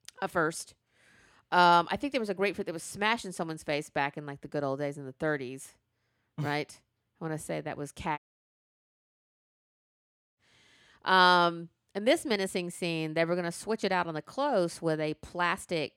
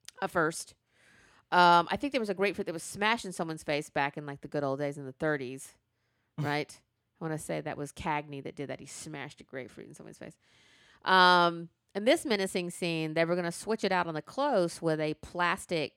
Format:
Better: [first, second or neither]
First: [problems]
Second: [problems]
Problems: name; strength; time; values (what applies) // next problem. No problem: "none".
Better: second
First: audio cutting out; at 8 s for 2 s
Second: none